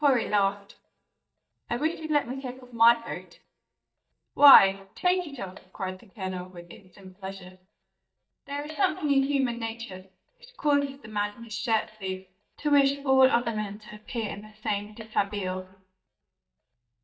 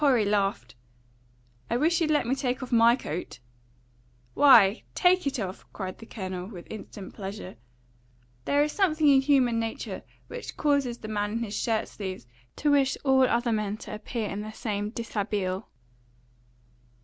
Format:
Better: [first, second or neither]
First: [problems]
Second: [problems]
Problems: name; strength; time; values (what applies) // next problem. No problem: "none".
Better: second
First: noise reduction (neural mask model DeepFilterNet 3)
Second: none